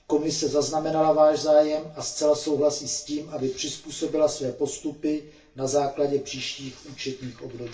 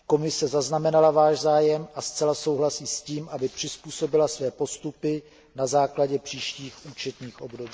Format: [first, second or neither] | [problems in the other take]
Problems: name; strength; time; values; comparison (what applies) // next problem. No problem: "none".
second | room echo; dies away in 0.3 s